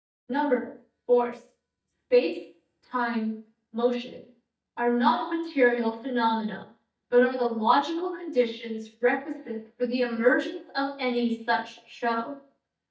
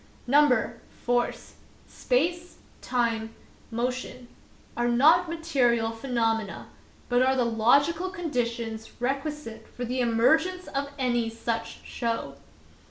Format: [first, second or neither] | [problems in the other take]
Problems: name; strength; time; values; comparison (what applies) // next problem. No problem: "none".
second | noise reduction (neural mask model DeepFilterNet 3)